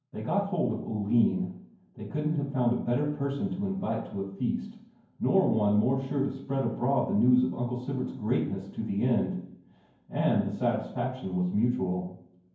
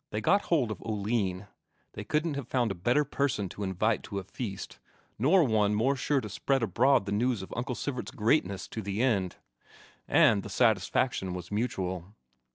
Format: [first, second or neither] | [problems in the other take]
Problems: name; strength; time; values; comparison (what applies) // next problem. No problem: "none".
second | room echo; dies away in 0.9 s